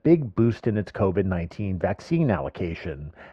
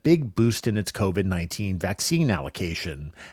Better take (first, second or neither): second